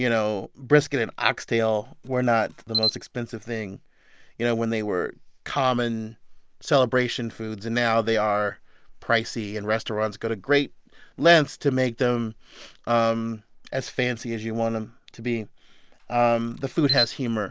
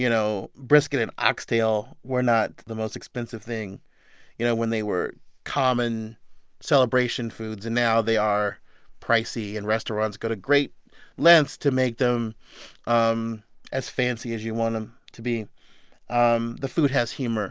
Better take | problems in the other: second | background sound (Camera); 7 dB below the speech

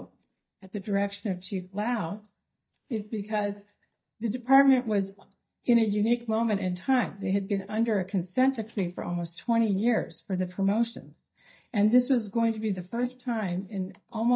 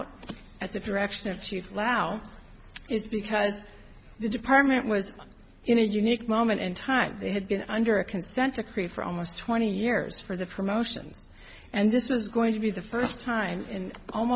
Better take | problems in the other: second | noise reduction (neural mask model DeepFilterNet 3)

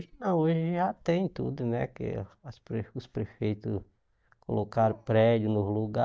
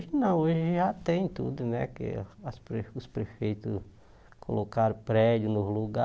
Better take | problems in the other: second | noise reduction (neural mask model DeepFilterNet 3)

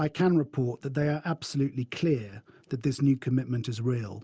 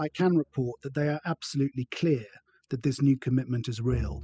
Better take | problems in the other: first | noise reduction (classical method spectral subtraction)

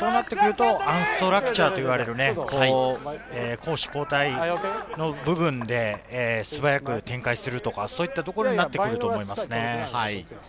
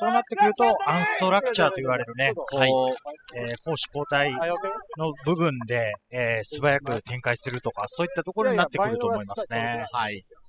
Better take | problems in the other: first | noise reduction (classical method spectral subtraction)

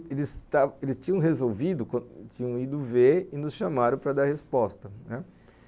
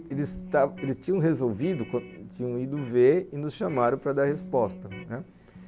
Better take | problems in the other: first | background sound (Electric guitar); 17 dB below the speech

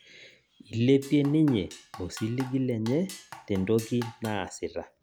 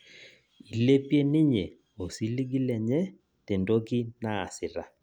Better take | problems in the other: second | background sound (Drum kit); 18 dB below the speech

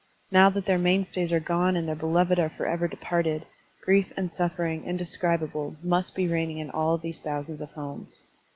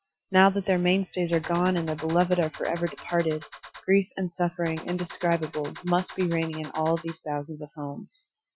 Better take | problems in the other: first | noise reduction (classical method Wiener filter)

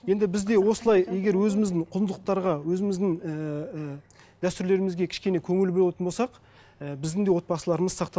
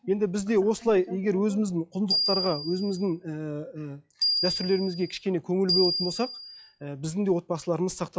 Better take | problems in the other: first | noise reduction (classical method log-MMSE)

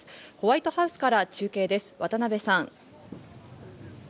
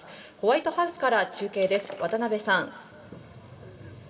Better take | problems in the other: first | background sound (Shatter); 19 dB below the speech // room echo; dies away in 1.7 s

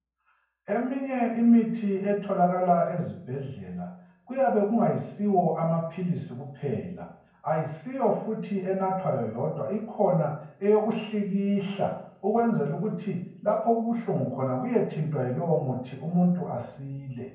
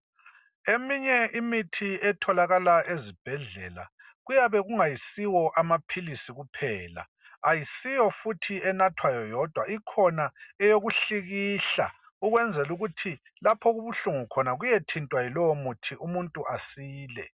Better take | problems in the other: second | room echo; dies away in 0.9 s

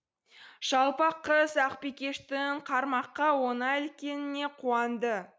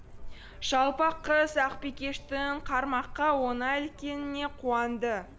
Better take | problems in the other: first | background sound (Chirp, tweet); 13 dB below the speech

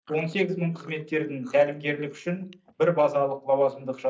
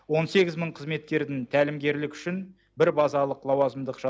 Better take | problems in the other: second | noise reduction (neural mask model DeepFilterNet 3)

